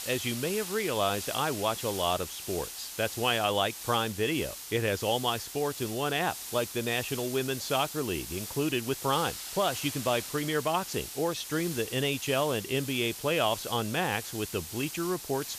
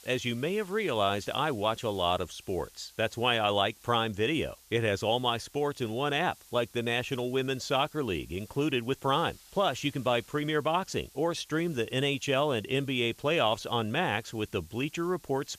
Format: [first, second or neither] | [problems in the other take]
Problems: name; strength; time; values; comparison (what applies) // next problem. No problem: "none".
second | hiss; loud; throughout; 8 dB below the speech; faint in the second